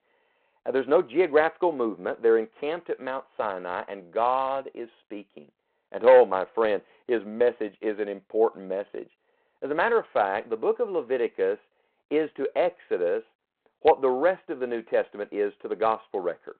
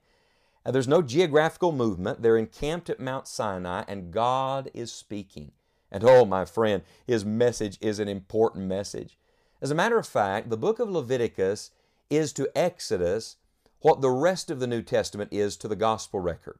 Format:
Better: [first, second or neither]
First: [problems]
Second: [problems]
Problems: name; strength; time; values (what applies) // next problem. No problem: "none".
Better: second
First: phone-call audio; nothing above 4 kHz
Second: none